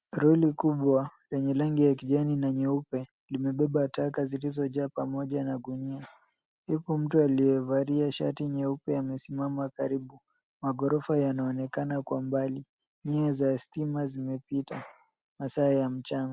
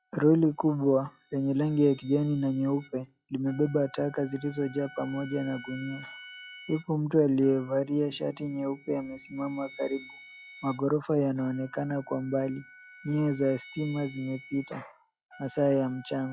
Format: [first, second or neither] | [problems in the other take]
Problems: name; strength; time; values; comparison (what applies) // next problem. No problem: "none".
first | noise reduction (classical method log-MMSE)